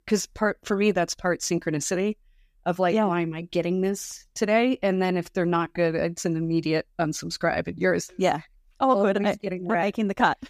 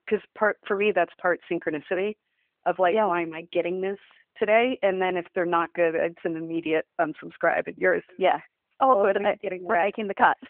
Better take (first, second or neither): first